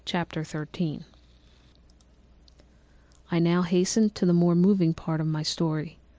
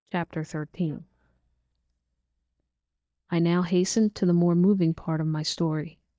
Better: first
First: none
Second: noise reduction (neural mask model DeepFilterNet 3)

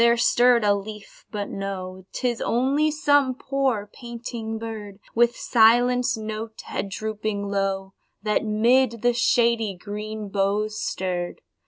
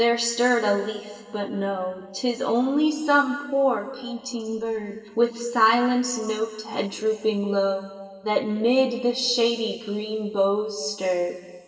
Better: first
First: none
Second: room echo; dies away in 2.4 s

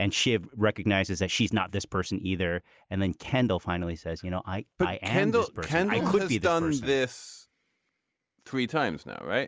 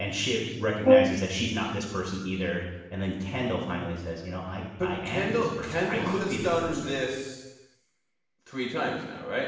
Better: first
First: none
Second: background sound (Brass instrument); 5 dB above the speech // room echo; dies away in 1.1 s

